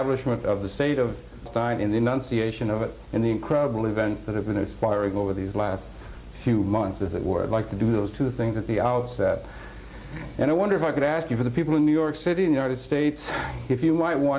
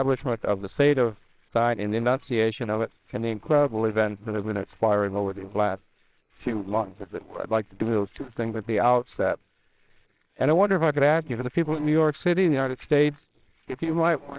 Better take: first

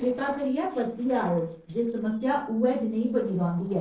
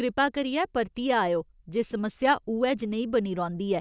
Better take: second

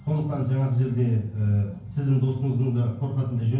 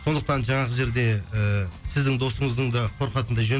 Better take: second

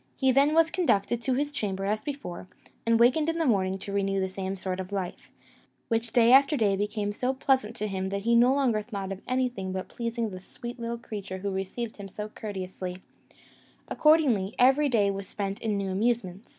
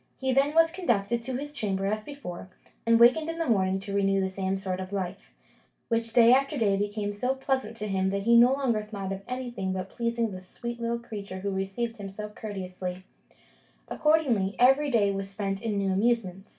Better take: first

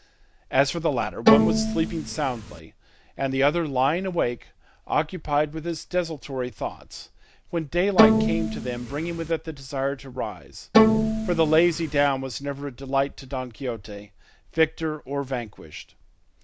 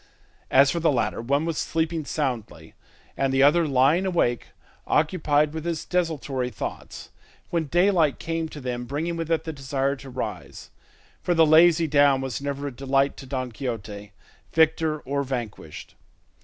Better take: second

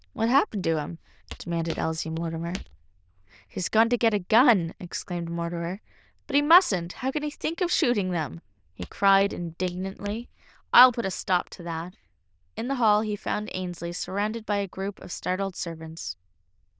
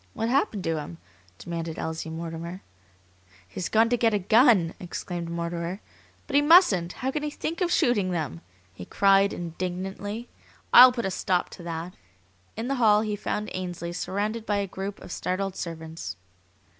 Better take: second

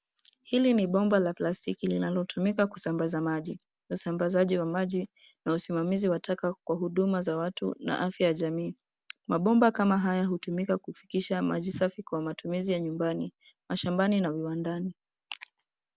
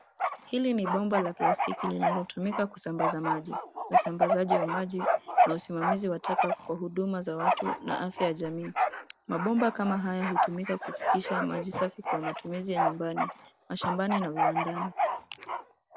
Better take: first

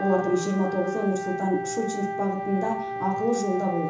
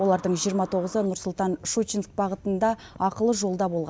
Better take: second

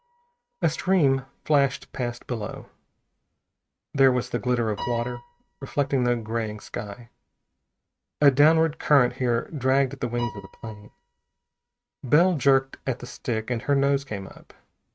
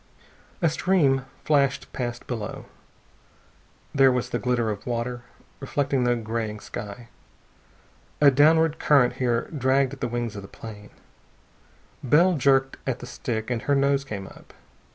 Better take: second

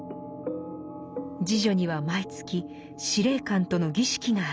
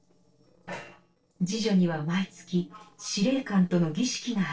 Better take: first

